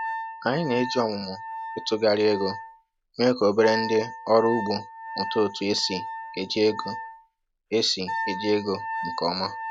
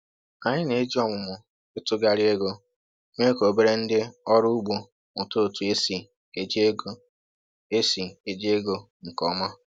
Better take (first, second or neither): second